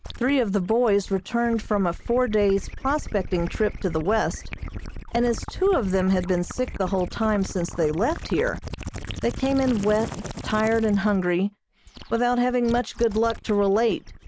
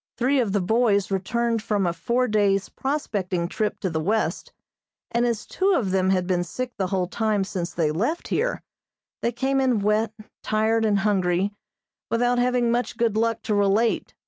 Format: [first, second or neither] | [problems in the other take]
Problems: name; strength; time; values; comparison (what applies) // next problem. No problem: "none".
second | background sound (Gurgling / Liquid); 11 dB below the speech